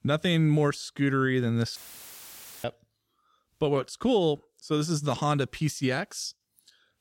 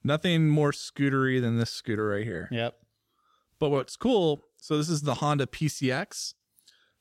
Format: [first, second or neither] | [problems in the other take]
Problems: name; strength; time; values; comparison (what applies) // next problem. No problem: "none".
second | audio cutting out; filled with static; at 2 s for 1 s